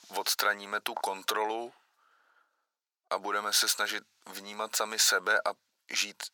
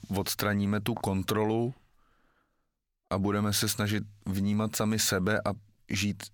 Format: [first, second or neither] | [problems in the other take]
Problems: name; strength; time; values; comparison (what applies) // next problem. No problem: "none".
second | thin; very; fading below 500 Hz